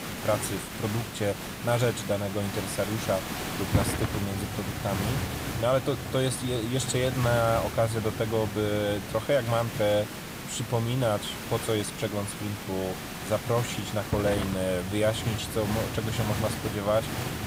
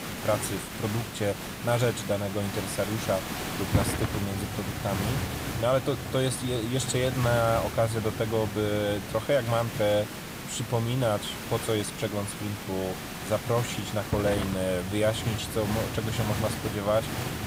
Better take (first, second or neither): neither